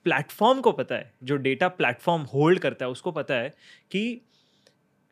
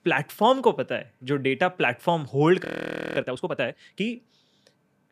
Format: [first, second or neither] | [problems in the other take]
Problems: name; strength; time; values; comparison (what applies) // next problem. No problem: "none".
first | audio freezing; at 2.5 s for 0.5 s